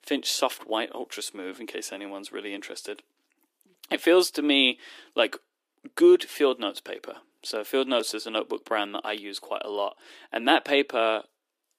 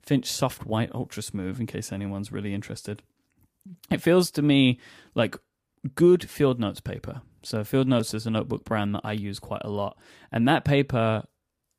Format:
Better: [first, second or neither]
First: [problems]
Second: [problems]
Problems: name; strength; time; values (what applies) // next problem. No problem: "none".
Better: second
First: thin; somewhat; fading below 300 Hz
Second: none